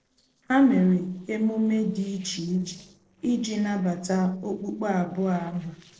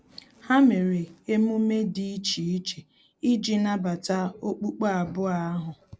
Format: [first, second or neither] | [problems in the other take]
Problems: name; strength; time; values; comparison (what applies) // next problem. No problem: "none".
second | noise reduction (neural separator model SepFormer DNS4)